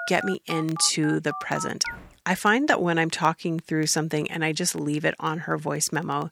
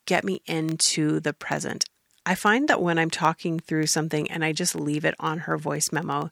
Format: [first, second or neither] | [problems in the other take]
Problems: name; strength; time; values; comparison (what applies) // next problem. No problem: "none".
second | alarms or sirens; noticeable; until 2 s; 10 dB below the speech